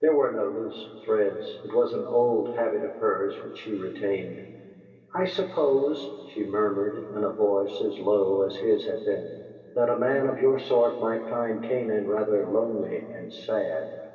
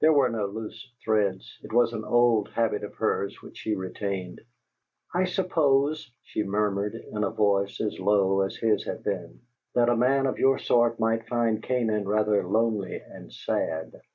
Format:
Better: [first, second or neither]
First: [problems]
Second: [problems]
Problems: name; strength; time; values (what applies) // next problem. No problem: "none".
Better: second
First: room echo; dies away in 2.4 s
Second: none